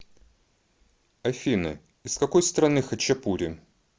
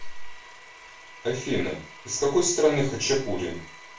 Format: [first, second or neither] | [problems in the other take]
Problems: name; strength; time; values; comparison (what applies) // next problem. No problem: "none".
first | background sound (Domestic sounds, home sounds); 19 dB below the speech // room echo; dies away in 0.3 s